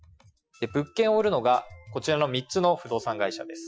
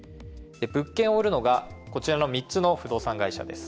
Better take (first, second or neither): second